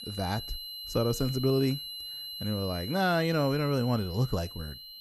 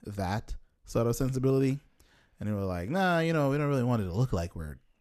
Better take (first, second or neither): second